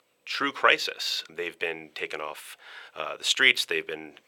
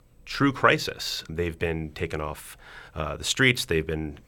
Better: second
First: thin; somewhat; fading below 500 Hz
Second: none

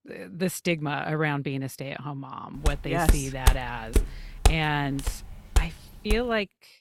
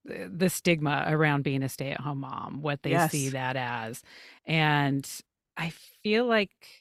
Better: second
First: footsteps; loud; from 2.5 to 6 s; peak 5 dB above the speech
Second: none

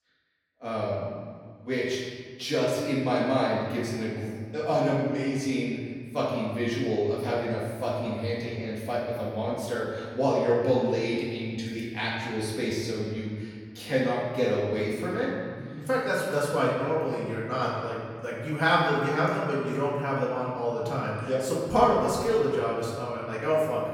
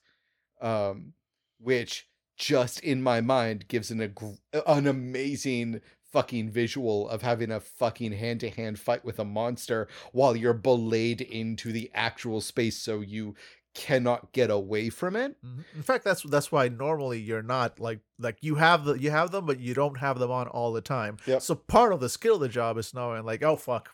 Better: second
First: off-mic speech; far // room echo; noticeable; dies away in 1.7 s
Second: none

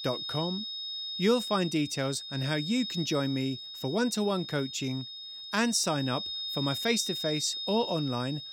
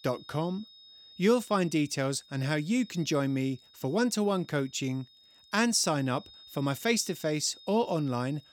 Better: second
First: high-pitched whine; loud; throughout; 3.5 kHz, 5 dB below the speech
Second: high-pitched whine; faint; throughout; 3.5 kHz, 25 dB below the speech

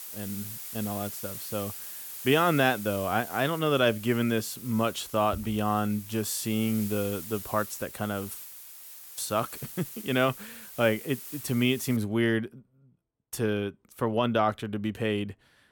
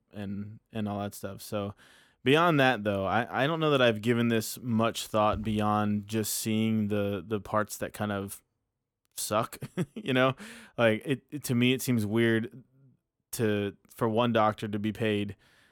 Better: second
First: hiss; noticeable; until 12 s; 10 dB below the speech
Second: none

